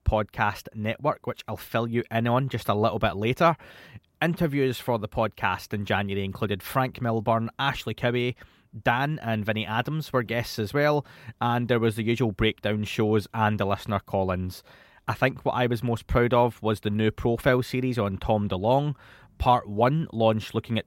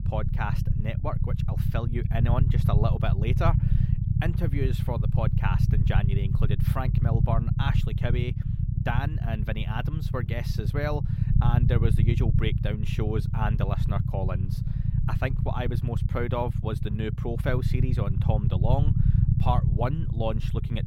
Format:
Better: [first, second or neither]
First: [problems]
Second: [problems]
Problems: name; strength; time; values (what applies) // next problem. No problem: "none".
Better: first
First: none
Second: low rumble; loud; throughout; 5 dB below the speech